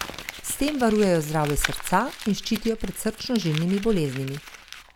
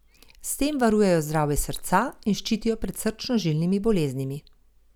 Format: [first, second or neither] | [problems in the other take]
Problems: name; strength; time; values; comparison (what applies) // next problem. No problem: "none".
second | background sound (Crumpling, crinkling); 12 dB below the speech